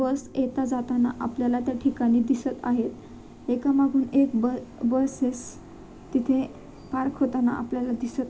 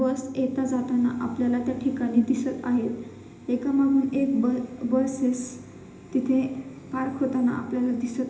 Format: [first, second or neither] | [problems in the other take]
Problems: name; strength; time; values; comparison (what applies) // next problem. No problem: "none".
first | room echo; dies away in 1 s